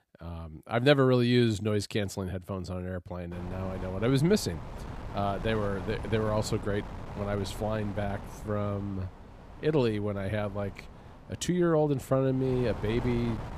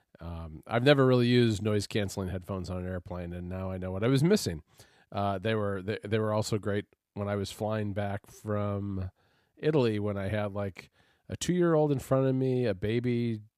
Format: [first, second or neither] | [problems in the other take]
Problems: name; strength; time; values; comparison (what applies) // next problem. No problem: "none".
second | wind noise on the microphone; occasional gusts; from 3.5 s on; 15 dB below the speech